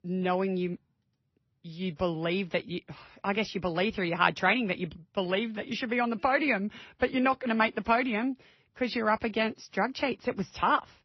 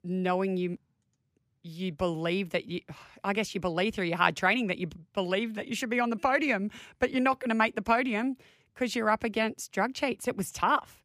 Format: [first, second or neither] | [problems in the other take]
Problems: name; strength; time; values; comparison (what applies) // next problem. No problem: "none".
second | garbled, watery; slightly; nothing above 6 kHz